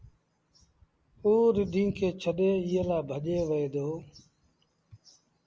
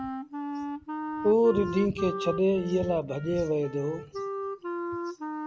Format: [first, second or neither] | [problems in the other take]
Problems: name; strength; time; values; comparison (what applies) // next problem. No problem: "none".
first | background sound (Wind instrument, woodwind instrument); 7 dB below the speech